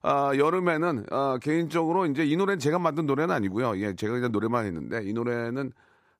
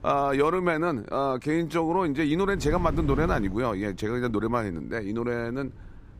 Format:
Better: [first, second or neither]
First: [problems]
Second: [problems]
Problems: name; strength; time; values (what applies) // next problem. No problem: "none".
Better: first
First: none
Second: wind noise on the microphone; occasional gusts; 20 dB below the speech